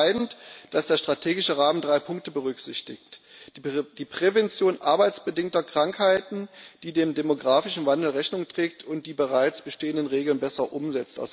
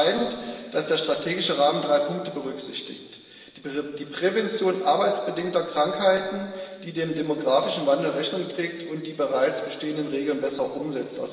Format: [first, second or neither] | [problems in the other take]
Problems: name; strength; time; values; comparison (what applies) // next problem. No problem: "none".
first | room echo; dies away in 1.6 s